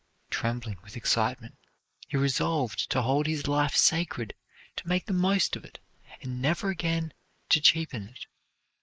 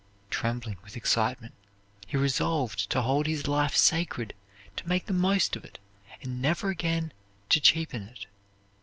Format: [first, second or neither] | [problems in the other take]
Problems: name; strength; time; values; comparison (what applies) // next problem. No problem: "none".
second | noise reduction (neural mask model Resemble Enhance denoiser)